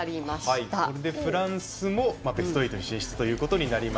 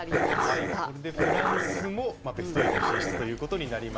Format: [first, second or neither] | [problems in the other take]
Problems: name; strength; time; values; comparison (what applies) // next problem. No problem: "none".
first | background sound (Dog); 5 dB above the speech